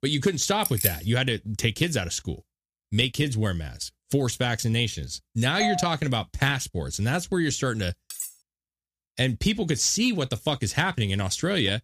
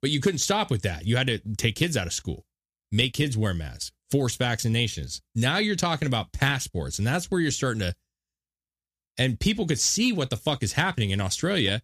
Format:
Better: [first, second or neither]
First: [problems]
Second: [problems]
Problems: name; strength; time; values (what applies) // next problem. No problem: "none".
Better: second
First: jangling keys; loud; at 0.5 s; peak 1 dB above the speech // doorbell; noticeable; at 5.5 s; peak 3 dB below the speech // clattering dishes; noticeable; at 8 s; peak 9 dB below the speech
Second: none